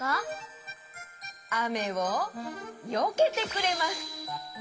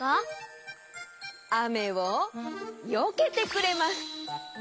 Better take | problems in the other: second | room echo; dies away in 0.9 s

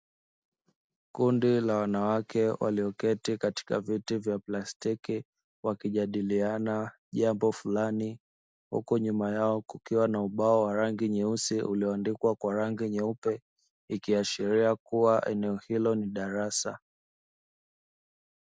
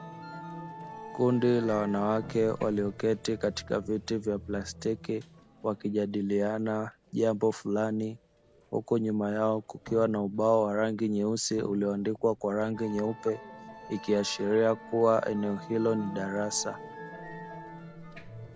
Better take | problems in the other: first | background sound (Drum + Musical instrument); 16 dB below the speech

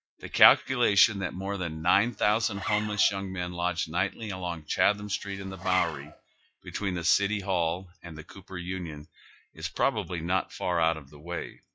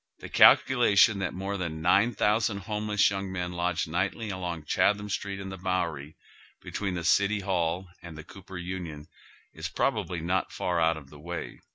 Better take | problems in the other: second | noise reduction (classical method log-MMSE)

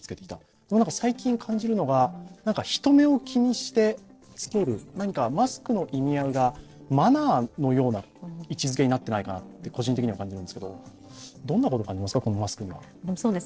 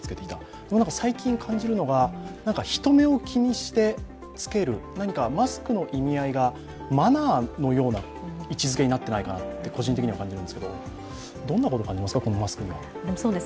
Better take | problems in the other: second | noise reduction (neural separator model SepFormer DNS4)

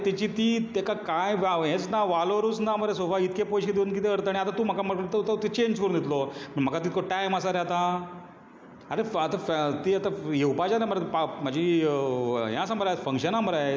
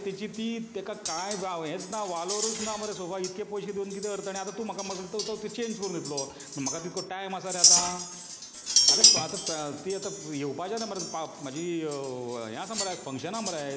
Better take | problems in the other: first | background sound (Chink, clink); 4 dB above the speech

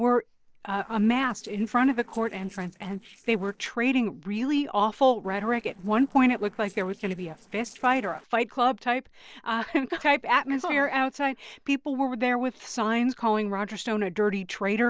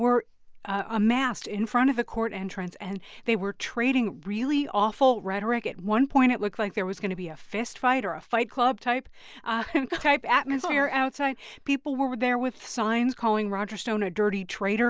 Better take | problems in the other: second | noise reduction (neural separator model SepFormer DNS4)

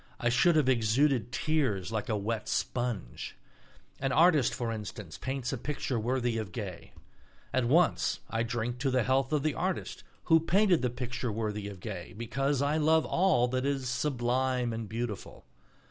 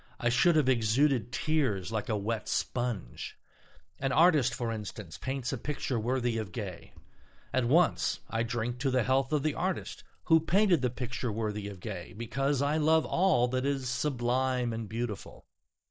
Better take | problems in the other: first | noise reduction (neural mask model Resemble Enhance denoiser)

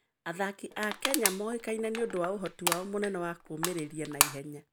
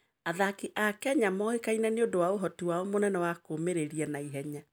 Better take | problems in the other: second | background sound (Crushing); as loud as the speech

